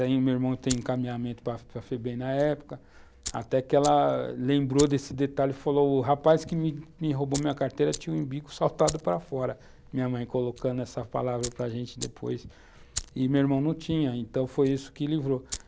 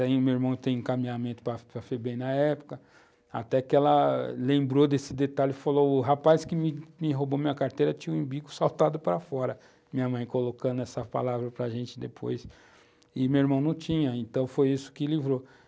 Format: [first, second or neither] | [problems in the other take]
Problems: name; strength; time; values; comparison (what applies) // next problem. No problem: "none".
second | background sound (Fire); 16 dB below the speech